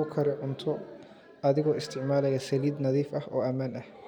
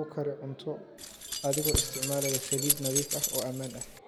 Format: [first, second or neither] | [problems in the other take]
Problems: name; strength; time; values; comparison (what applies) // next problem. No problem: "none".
first | background sound (Keys jangling); 2 dB above the speech